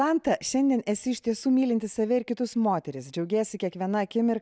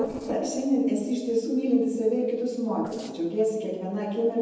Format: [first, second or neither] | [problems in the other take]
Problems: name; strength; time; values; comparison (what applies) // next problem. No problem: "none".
first | noise reduction (neural separator model SepFormer DNS4)